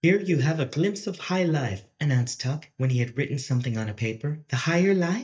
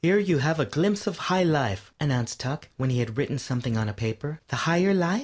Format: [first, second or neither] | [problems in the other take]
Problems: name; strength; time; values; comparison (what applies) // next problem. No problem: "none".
second | noise reduction (neural mask model DeepFilterNet 3)